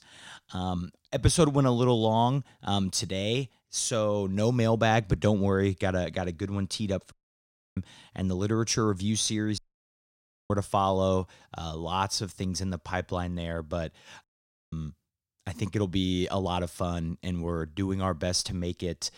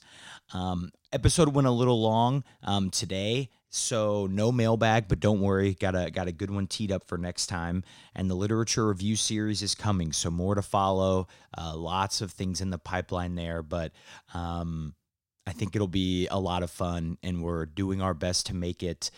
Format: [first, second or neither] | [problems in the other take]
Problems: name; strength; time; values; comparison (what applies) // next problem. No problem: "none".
second | audio cutting out; at 7 s for 0.5 s, at 9.5 s for 1 s and at 14 s